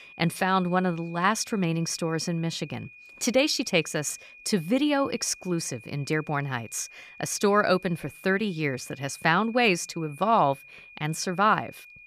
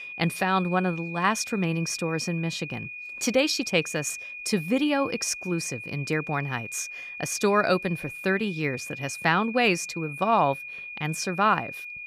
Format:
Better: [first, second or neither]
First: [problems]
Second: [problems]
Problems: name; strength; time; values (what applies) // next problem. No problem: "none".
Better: first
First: high-pitched whine; faint; throughout; 2.5 kHz, 20 dB below the speech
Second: high-pitched whine; loud; throughout; 2.5 kHz, 10 dB below the speech